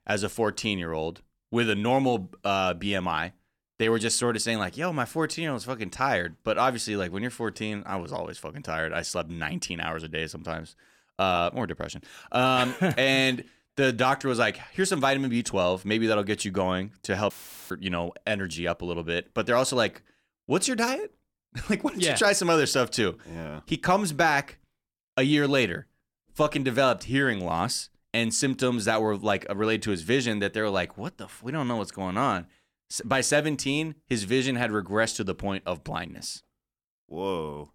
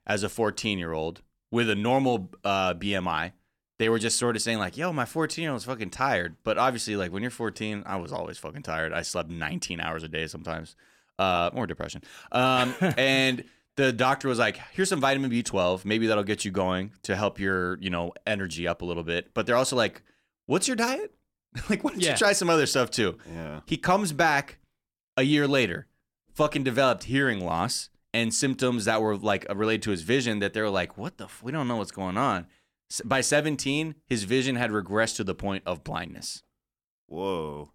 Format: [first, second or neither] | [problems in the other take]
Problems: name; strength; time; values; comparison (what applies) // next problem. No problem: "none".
second | audio cutting out; filled with static; at 17 s